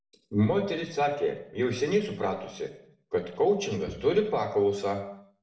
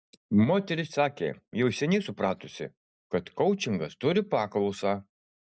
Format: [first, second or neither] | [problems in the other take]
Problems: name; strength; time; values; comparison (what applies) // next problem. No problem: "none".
second | noise reduction (neural separator model SepFormer DNS4)